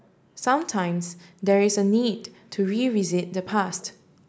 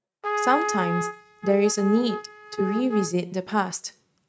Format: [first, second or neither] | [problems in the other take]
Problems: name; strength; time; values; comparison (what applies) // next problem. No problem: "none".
first | noise reduction (neural mask model RNNoise)